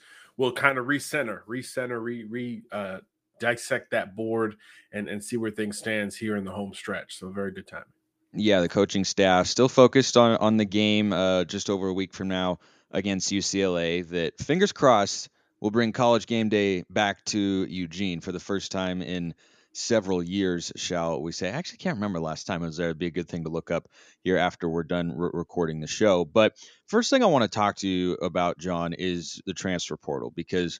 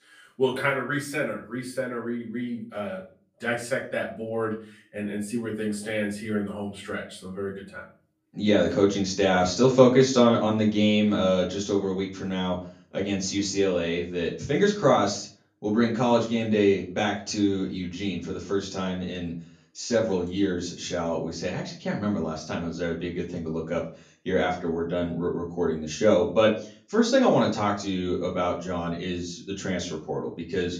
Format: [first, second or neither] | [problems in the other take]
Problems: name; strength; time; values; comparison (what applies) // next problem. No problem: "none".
first | room echo; slight; dies away in 0.3 s // off-mic speech; far